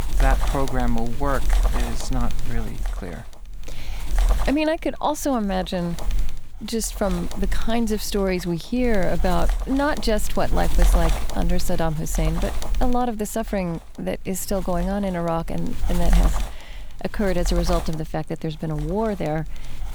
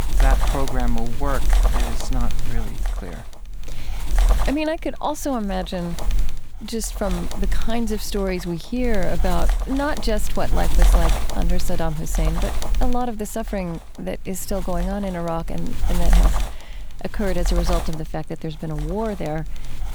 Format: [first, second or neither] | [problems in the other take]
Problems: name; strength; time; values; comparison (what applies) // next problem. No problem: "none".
first | wind noise on the microphone; heavy; 6 dB below the speech; occasional gusts in the first